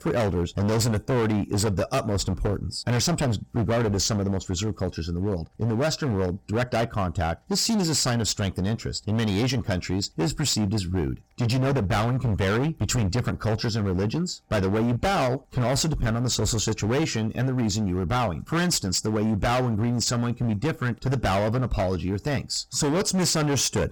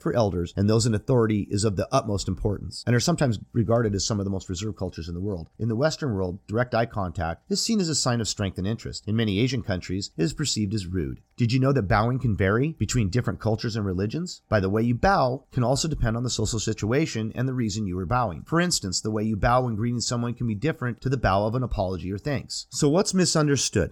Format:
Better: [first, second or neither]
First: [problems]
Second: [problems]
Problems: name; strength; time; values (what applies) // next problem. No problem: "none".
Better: second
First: distortion; heavy; 22% of the sound clipped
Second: none